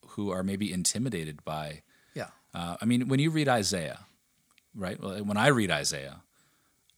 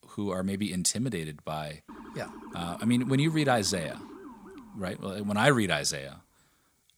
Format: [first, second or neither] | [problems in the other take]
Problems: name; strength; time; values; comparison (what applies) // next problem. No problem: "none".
first | siren; faint; from 2 to 6 s; peak 15 dB below the speech